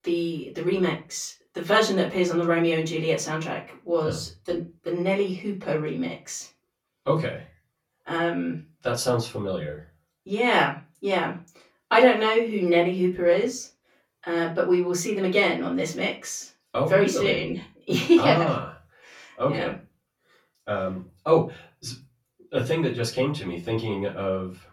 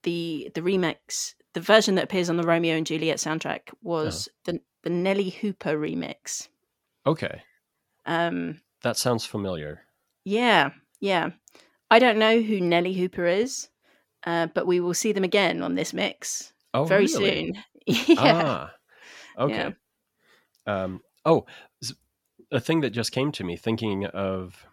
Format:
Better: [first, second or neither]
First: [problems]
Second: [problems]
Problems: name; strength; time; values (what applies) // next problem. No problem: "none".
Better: second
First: off-mic speech; far // room echo; very slight; dies away in 0.3 s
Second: none